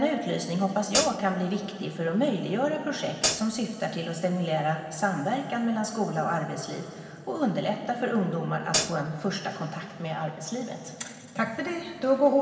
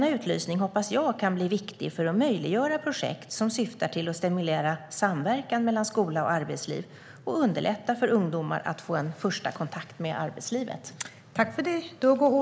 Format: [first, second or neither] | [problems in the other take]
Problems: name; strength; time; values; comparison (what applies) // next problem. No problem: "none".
second | background sound (Hi-hat); as loud as the speech // room echo; dies away in 2.6 s